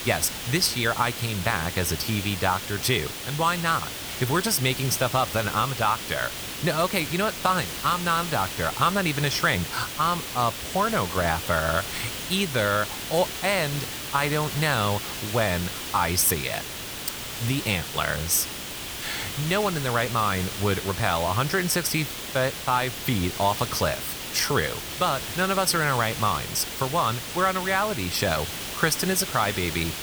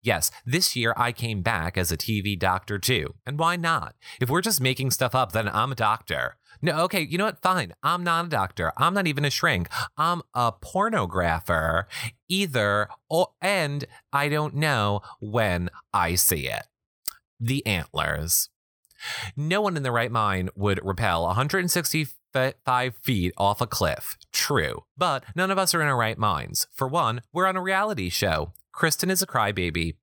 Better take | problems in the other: second | hiss; loud; throughout; 6 dB below the speech

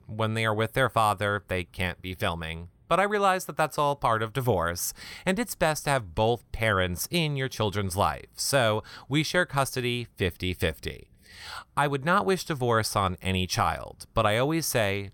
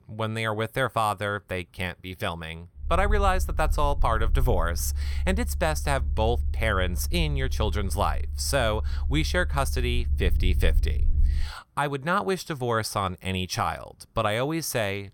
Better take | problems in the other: first | low rumble; faint; from 3 to 11 s; 20 dB below the speech

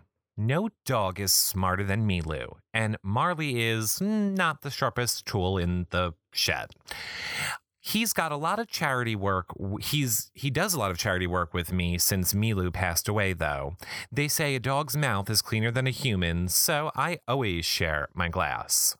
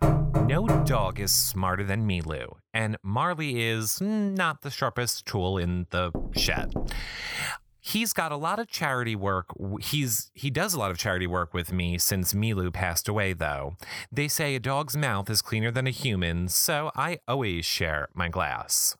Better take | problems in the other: first | door banging; loud; until 1.5 s; peak 4 dB above the speech // door banging; noticeable; at 6 s; peak 7 dB below the speech

